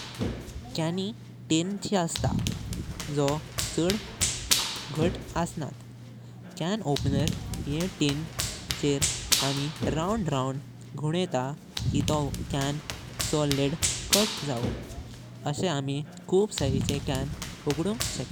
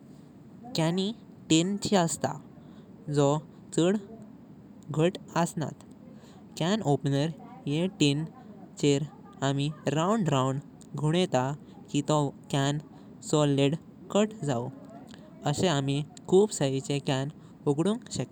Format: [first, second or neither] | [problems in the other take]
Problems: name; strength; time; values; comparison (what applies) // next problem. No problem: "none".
second | background sound (Run); 2 dB below the speech